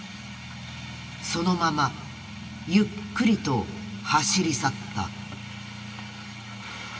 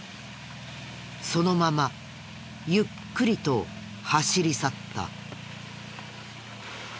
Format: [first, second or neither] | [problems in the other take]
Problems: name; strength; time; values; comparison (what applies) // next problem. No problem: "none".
second | room echo; dies away in 1.7 s